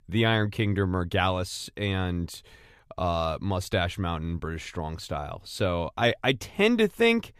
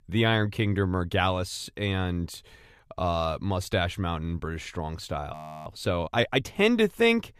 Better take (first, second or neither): first